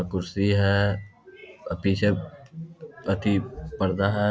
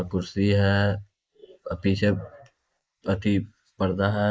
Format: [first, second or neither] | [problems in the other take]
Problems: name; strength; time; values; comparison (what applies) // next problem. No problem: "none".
first | noise reduction (neural mask model Resemble Enhance denoiser)